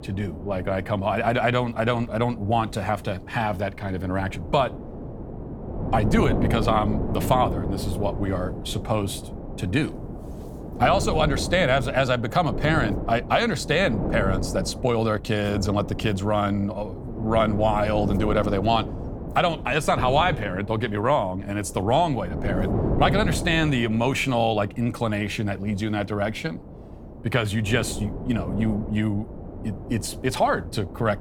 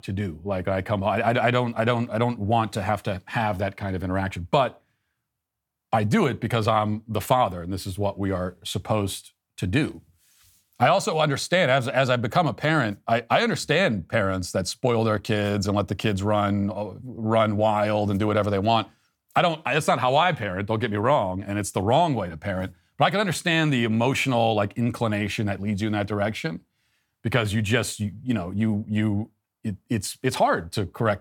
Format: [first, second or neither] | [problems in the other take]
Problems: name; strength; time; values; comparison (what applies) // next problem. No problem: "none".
second | wind noise on the microphone; occasional gusts; 15 dB below the speech